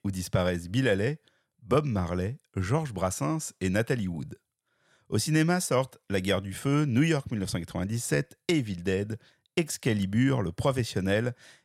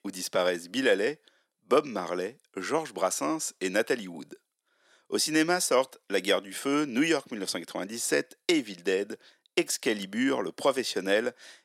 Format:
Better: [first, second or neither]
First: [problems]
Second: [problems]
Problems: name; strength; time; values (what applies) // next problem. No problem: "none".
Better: first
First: none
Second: thin; somewhat; fading below 300 Hz